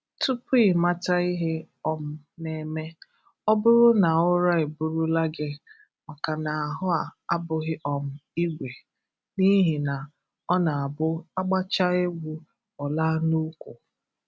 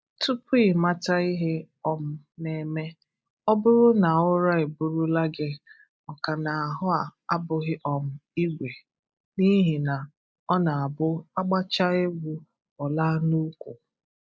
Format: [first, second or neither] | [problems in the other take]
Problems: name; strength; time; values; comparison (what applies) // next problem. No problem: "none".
first | noise reduction (neural mask model Resemble Enhance denoiser)